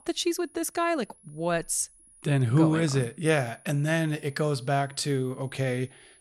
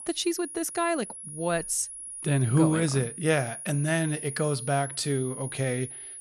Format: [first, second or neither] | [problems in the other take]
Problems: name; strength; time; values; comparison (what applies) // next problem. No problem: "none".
first | high-pitched whine; loud; throughout; 10.5 kHz, 9 dB below the speech; faint in the first